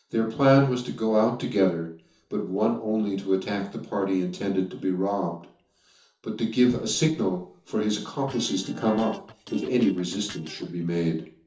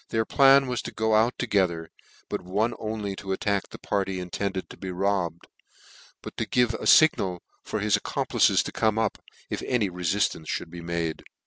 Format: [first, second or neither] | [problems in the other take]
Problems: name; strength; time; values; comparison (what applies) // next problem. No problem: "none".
second | noise reduction (neural separator model SepFormer DNS4)